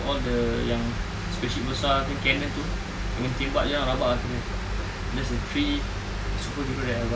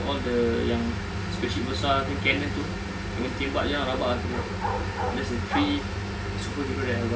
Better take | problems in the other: first | background sound (Bark); 9 dB below the speech // room echo; dies away in 0.3 s

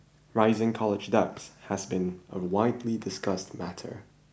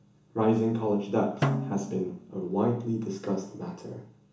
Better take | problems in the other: first | background sound (Snare drum); 5 dB below the speech // room echo; dies away in 0.8 s

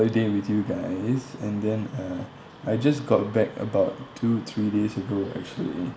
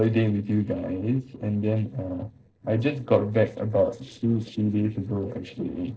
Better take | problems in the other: first | noise reduction (neural separator model SepFormer DNS4)

